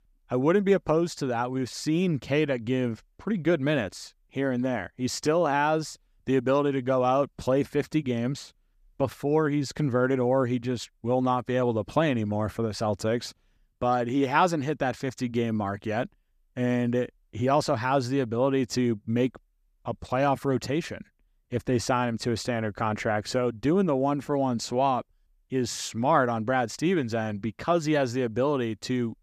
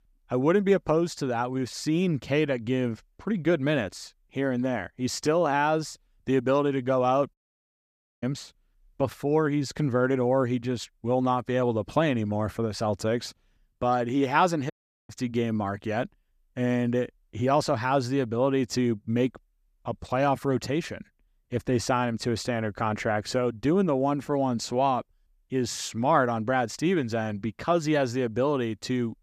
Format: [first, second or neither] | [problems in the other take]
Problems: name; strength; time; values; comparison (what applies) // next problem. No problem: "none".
first | audio cutting out; at 7.5 s for 1 s and at 15 s